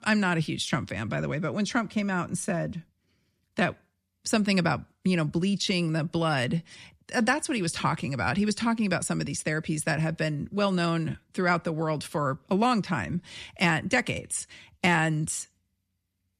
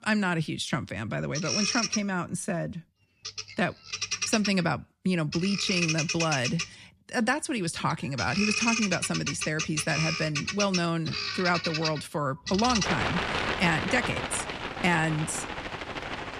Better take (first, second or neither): first